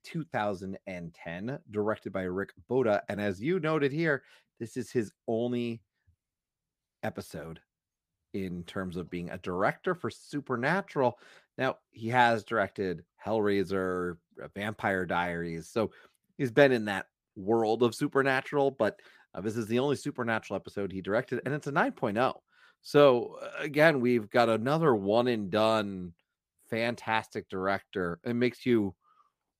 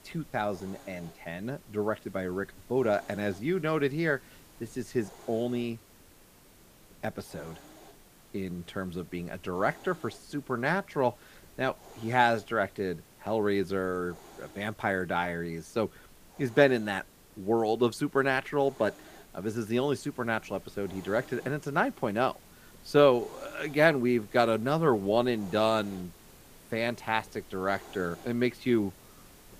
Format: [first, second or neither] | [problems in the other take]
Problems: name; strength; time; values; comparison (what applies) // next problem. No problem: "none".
first | hiss; faint; throughout; 25 dB below the speech